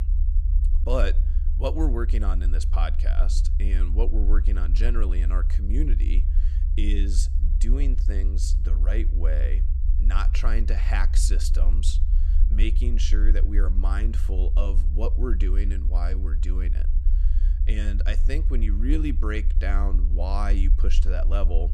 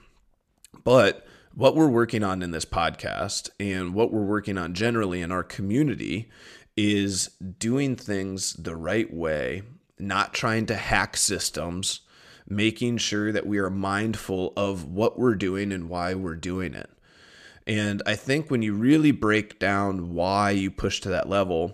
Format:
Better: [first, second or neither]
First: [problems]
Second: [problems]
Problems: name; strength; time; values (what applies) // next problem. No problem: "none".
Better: second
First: low rumble; noticeable; throughout; 10 dB below the speech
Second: none